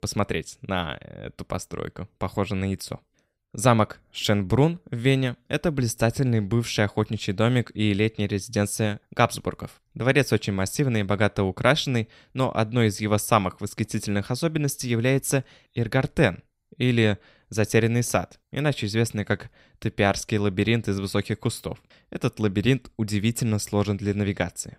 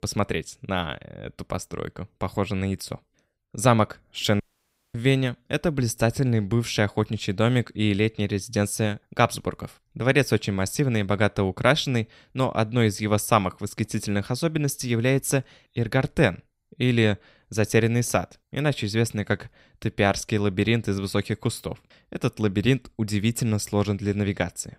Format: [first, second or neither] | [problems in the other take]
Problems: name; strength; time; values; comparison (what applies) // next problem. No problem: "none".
first | audio cutting out; at 4.5 s for 0.5 s